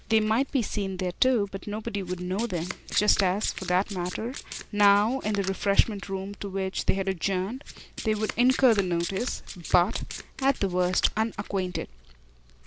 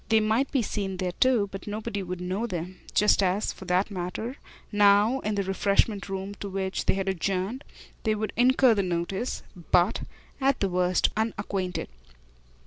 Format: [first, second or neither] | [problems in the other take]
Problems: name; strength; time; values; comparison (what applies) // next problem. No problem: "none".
second | background sound (Domestic sounds, home sounds); 15 dB below the speech